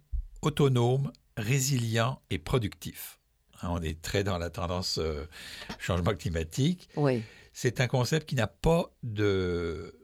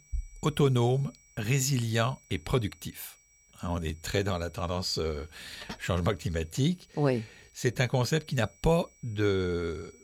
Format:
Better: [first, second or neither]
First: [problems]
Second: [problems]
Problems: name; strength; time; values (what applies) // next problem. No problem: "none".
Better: first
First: none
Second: high-pitched whine; faint; throughout; 5.5 kHz, 30 dB below the speech